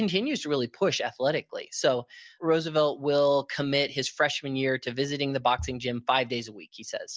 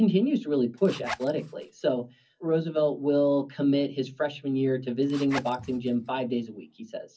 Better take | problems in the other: first | background sound (Zipper (clothing)); 14 dB below the speech // room echo; dies away in 0.4 s

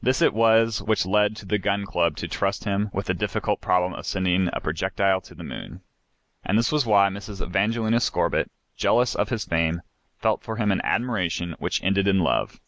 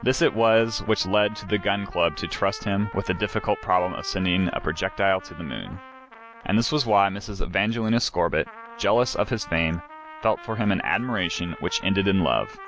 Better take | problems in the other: first | background sound (Trumpet); 18 dB below the speech

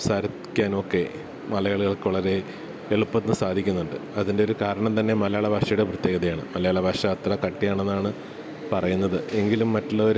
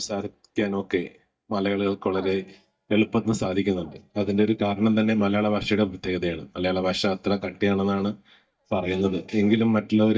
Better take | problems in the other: first | noise reduction (neural mask model DeepFilterNet 3)

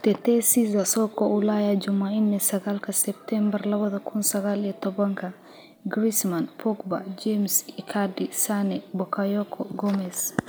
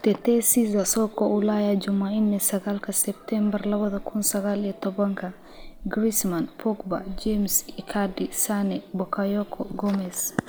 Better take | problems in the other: first | background sound (Meow / Purr); 20 dB below the speech

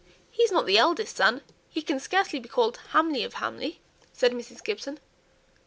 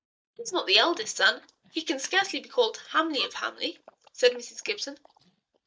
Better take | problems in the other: first | noise reduction (neural mask model DeepFilterNet 3)

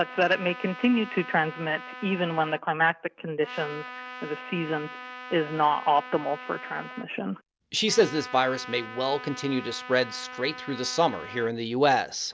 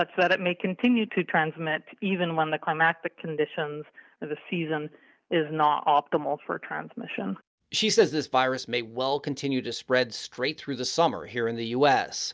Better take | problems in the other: second | background sound (Trumpet); 14 dB below the speech

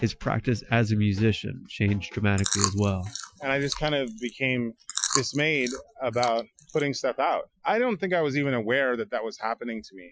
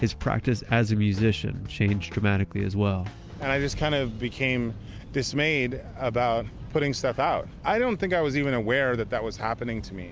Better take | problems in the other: second | noise reduction (classical method Wiener filter)

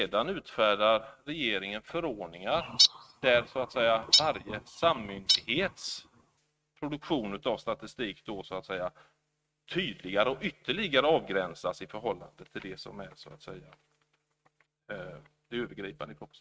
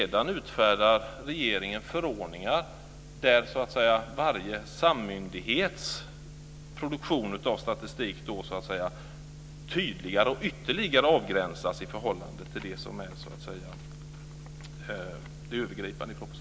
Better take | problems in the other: second | noise reduction (neural mask model RNNoise)

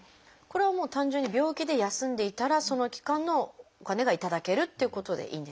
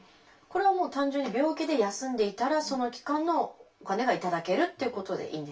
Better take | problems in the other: first | room echo; dies away in 0.2 s

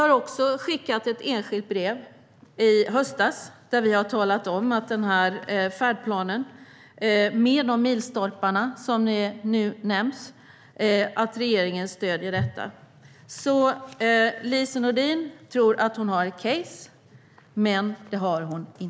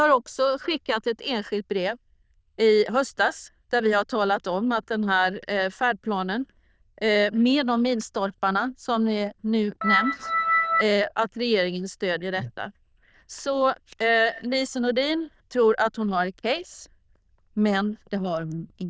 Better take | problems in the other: first | noise reduction (neural diffusion model UNIVERSE++)

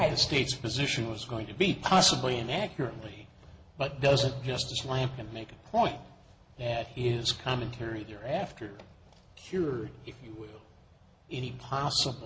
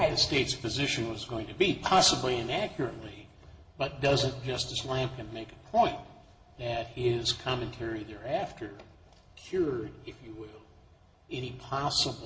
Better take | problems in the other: first | room echo; dies away in 1 s

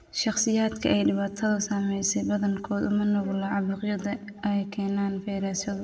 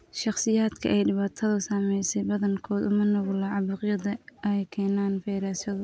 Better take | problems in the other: second | room echo; dies away in 0.7 s

